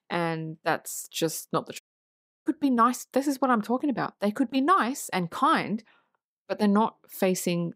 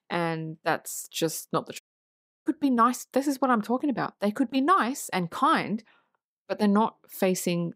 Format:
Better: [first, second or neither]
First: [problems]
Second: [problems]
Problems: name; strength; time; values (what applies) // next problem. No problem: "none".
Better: neither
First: audio cutting out; at 2 s for 0.5 s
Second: audio cutting out; at 2 s for 0.5 s